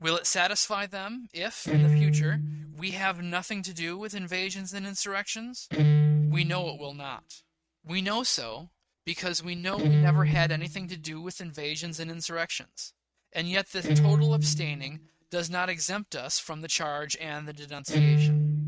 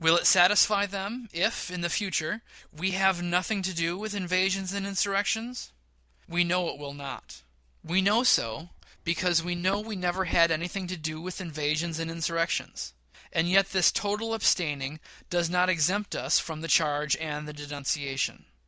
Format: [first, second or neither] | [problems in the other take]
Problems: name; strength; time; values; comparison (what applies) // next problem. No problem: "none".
second | noise reduction (neural mask model RNNoise)